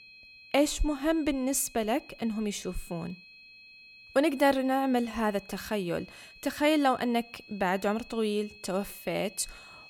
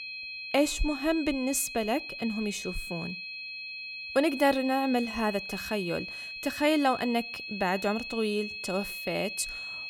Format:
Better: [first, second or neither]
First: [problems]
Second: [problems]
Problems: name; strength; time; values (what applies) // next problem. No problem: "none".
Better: first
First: high-pitched whine; faint; throughout; 2.5 kHz, 20 dB below the speech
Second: high-pitched whine; loud; throughout; 2.5 kHz, 7 dB below the speech